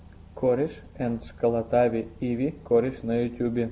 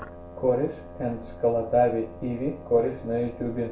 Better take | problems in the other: first | background sound (Wind instrument, woodwind instrument); 18 dB below the speech // room echo; dies away in 0.3 s

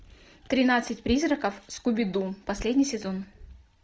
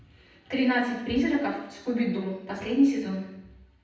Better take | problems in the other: first | room echo; dies away in 0.9 s

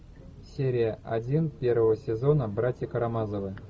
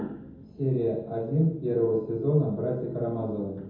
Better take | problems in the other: first | room echo; dies away in 0.9 s

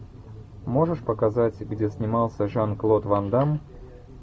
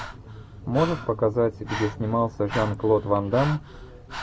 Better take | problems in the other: first | background sound (Breathing); 12 dB below the speech

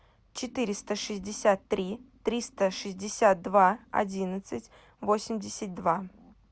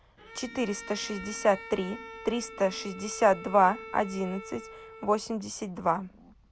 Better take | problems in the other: first | background sound (Bowed string instrument); 15 dB below the speech

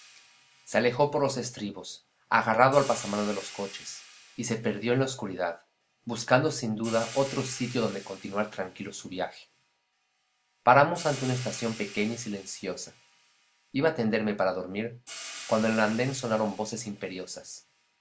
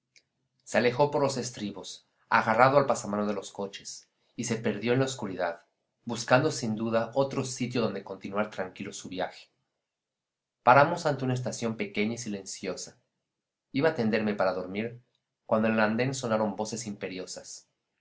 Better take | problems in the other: second | background sound (Hi-hat); 18 dB below the speech

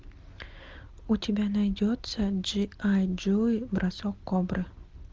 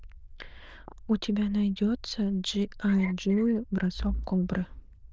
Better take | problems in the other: first | noise reduction (neural diffusion model UNIVERSE++)

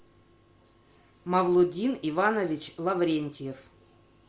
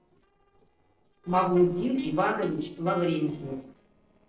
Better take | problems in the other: first | noise reduction (neural separator model SepFormer DNS4)

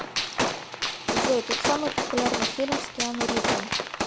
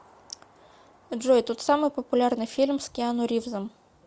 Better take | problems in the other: second | background sound (Gunshot, gunfire); 3 dB above the speech

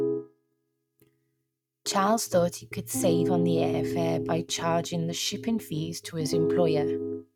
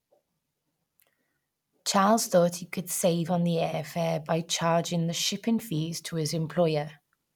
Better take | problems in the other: second | noise reduction (neural mask model RNNoise)

